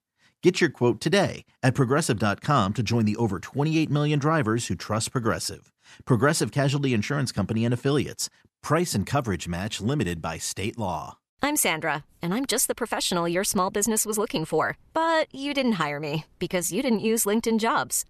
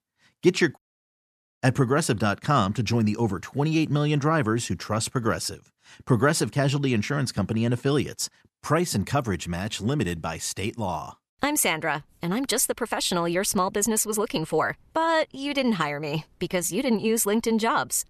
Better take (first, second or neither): first